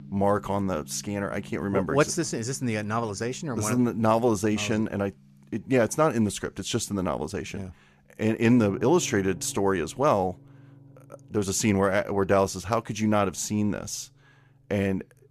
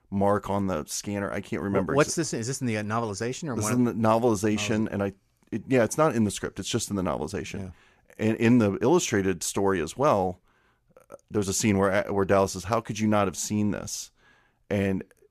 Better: second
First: background music; faint; throughout; 20 dB below the speech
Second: none

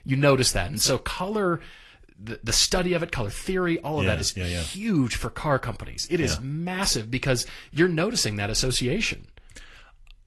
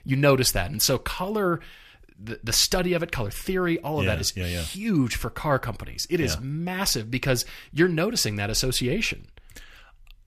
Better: second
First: garbled, watery; slightly; nothing above 12 kHz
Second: none

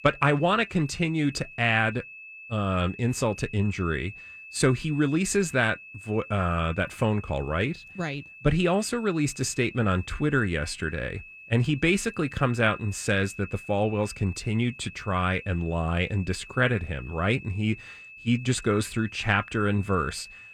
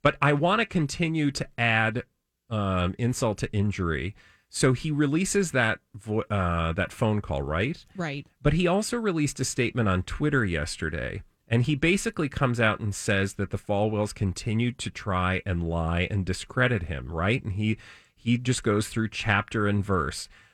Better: second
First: high-pitched whine; noticeable; throughout; 2.5 kHz, 15 dB below the speech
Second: none

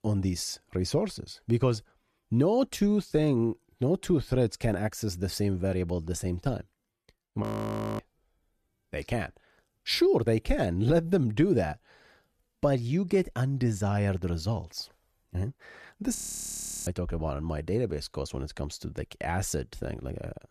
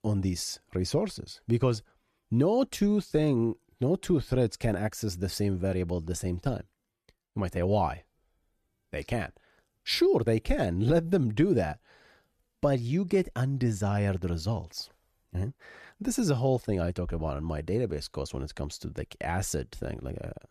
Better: second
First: audio freezing; at 7.5 s for 0.5 s and at 16 s for 0.5 s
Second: none

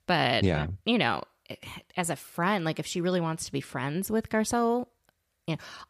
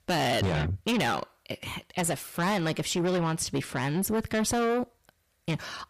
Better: first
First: none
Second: distortion; heavy; 6 dB below the speech

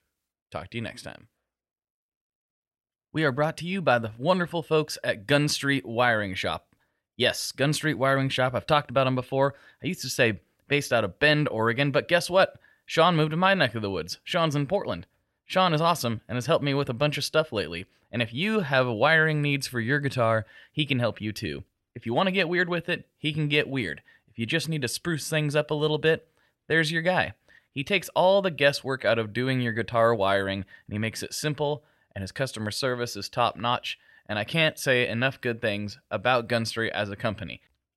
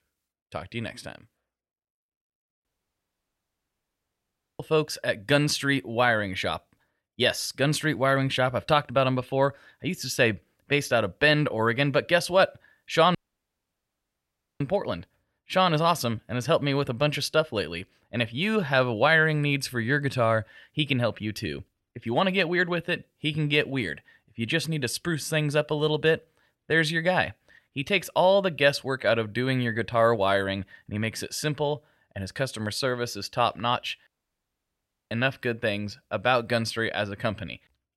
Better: first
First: none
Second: audio cutting out; at 2.5 s for 2 s, at 13 s for 1.5 s and at 34 s for 1 s

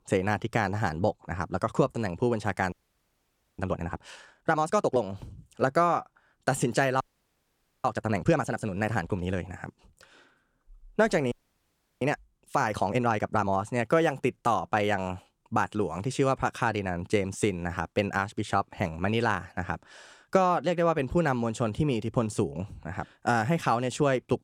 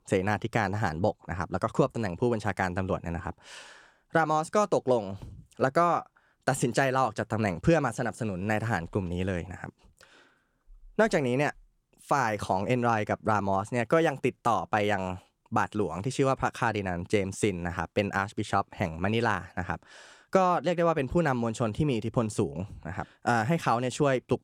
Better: second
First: audio freezing; at 2.5 s for 1 s, at 7 s for 1 s and at 11 s for 0.5 s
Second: none

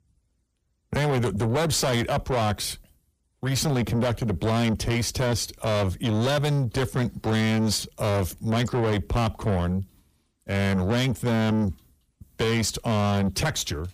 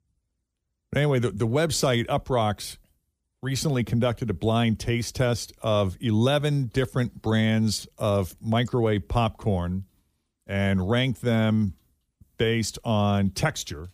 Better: second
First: distortion; heavy; 8 dB below the speech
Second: none

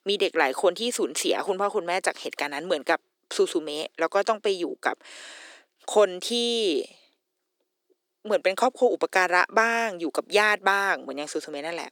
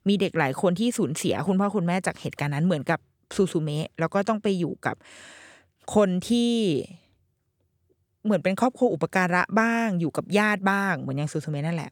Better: second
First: thin; very; fading below 300 Hz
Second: none

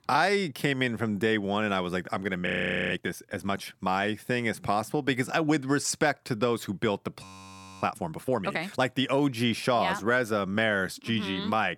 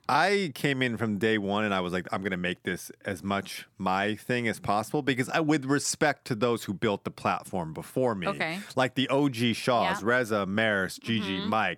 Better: second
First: audio freezing; at 2.5 s and at 7 s for 0.5 s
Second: none

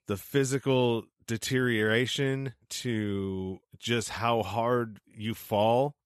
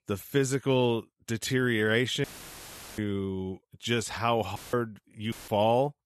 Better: first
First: none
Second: audio cutting out; filled with static; at 2 s for 0.5 s, at 4.5 s and at 5.5 s

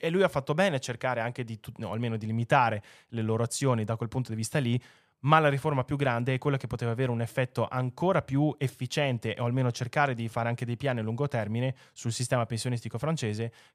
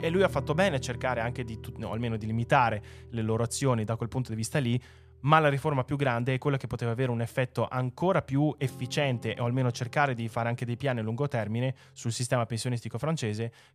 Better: first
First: none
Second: background music; noticeable; throughout; 15 dB below the speech

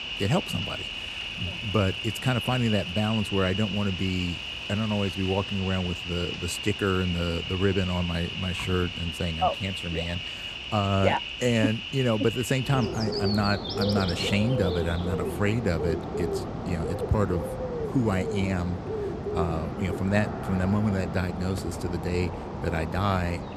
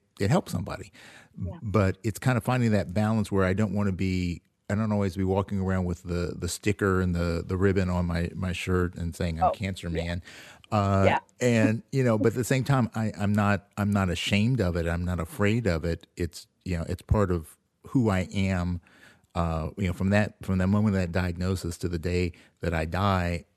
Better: second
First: animal sounds; loud; throughout; 4 dB below the speech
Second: none

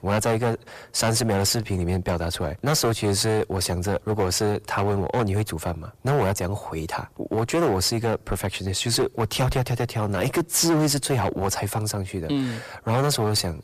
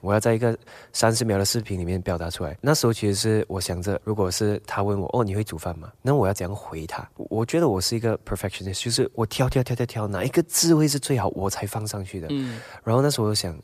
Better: second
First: distortion; heavy; 11% of the sound clipped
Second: none

